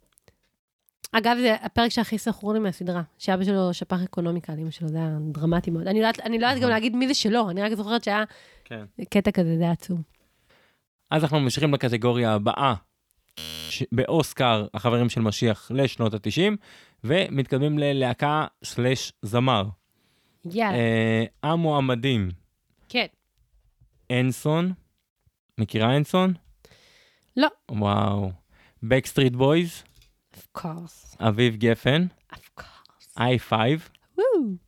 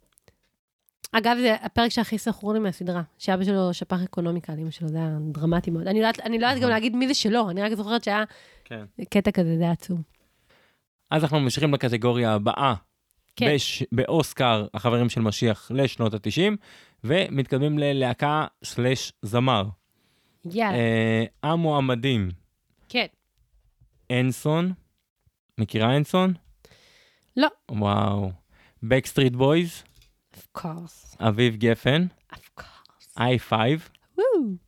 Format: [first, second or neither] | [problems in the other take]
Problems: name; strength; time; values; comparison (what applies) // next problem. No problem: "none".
second | audio freezing; at 13 s